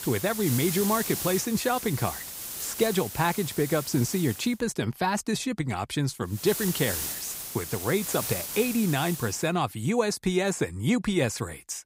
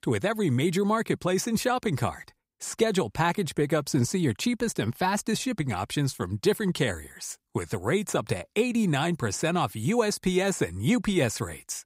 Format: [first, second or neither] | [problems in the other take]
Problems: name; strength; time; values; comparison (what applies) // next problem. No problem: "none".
second | hiss; loud; until 4.5 s and from 6.5 to 9.5 s; 5 dB below the speech